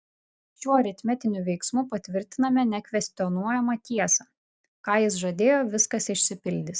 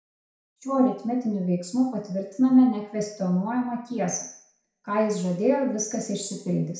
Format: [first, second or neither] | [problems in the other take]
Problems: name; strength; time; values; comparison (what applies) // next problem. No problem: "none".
first | room echo; dies away in 0.6 s